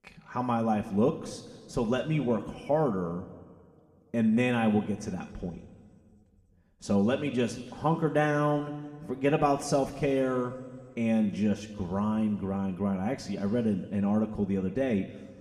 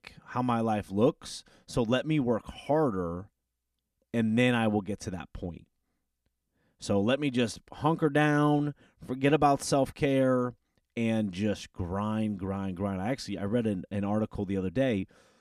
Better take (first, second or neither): second